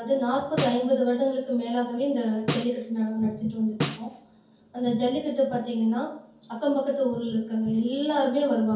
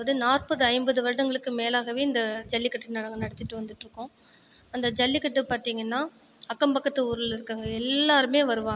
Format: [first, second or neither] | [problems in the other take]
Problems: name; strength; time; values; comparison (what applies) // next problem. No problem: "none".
second | background sound (Snare drum); 8 dB below the speech // room echo; dies away in 0.6 s